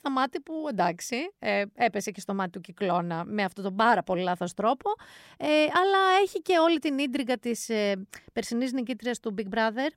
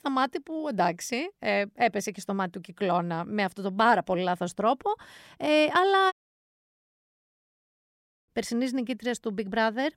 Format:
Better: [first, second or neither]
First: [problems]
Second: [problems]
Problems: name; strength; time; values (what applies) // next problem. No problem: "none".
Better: first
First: none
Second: audio cutting out; at 6 s for 2 s